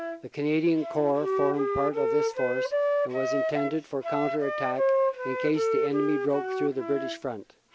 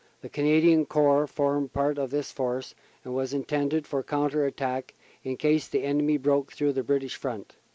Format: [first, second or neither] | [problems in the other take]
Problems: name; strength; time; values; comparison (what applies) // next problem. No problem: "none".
second | background sound (Wind instrument, woodwind instrument); as loud as the speech